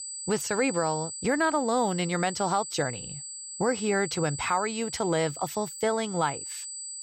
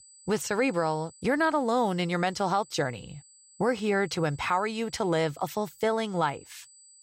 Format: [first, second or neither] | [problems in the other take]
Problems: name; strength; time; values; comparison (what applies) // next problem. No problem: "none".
second | high-pitched whine; loud; throughout; 7.5 kHz, 8 dB below the speech; faint in the second